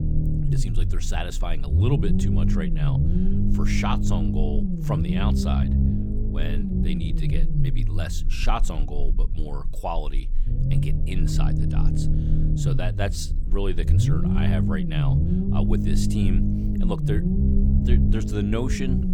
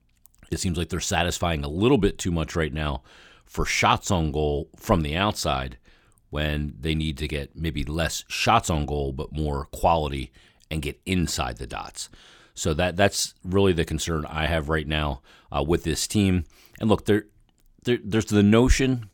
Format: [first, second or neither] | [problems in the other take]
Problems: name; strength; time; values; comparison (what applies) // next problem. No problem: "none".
second | low rumble; loud; throughout; as loud as the speech